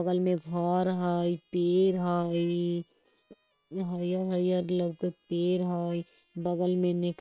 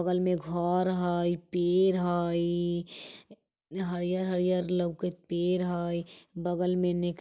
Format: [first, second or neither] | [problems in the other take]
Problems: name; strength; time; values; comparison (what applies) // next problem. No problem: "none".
second | noise reduction (neural separator model SepFormer WHAM!)